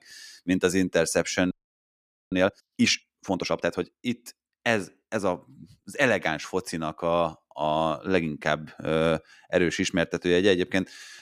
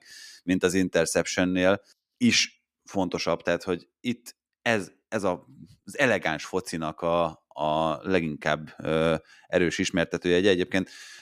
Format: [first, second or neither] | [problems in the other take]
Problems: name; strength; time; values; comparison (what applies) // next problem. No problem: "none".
second | audio freezing; at 1.5 s for 1 s